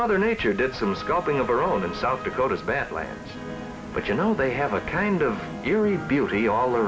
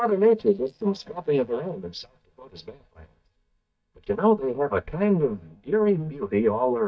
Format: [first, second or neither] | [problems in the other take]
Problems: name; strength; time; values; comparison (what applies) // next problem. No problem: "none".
first | noise reduction (neural mask model DeepFilterNet 3)